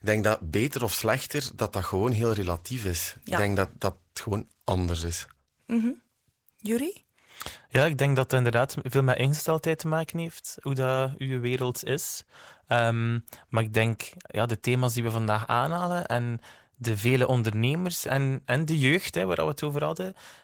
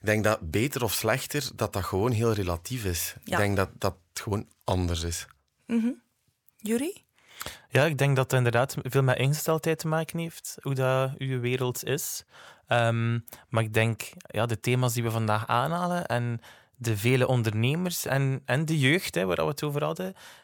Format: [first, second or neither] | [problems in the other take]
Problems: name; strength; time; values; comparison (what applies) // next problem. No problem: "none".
second | garbled, watery; slightly; nothing above 17.5 kHz